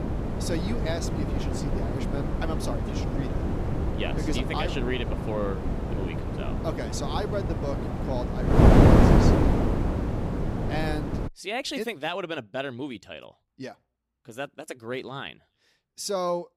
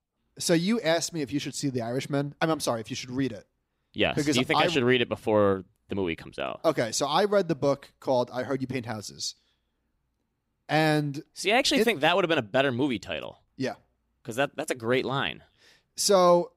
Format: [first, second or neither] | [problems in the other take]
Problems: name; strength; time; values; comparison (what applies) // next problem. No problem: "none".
second | wind noise on the microphone; heavy; until 11 s; 3 dB above the speech